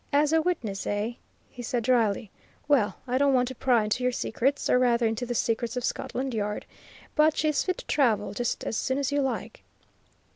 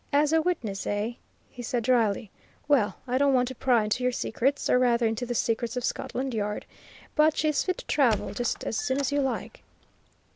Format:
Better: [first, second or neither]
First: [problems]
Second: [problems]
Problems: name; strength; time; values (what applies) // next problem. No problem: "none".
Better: first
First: none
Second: background sound (Squeak); 14 dB below the speech